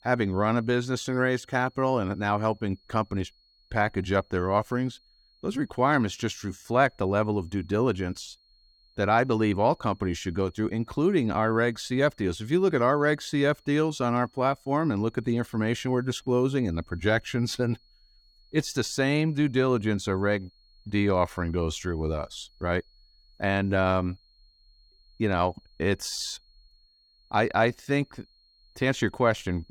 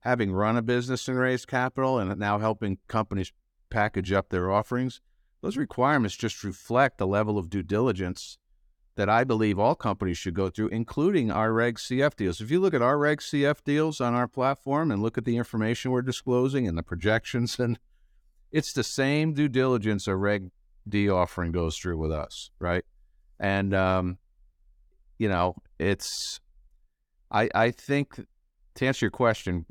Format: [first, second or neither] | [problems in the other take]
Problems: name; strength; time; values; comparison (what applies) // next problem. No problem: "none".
second | high-pitched whine; faint; throughout; 4.5 kHz, 35 dB below the speech